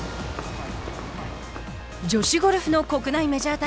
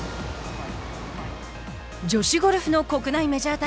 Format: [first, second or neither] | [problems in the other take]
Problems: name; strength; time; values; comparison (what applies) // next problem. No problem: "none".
second | background sound (Drum kit + Walk, footsteps / Run); 17 dB below the speech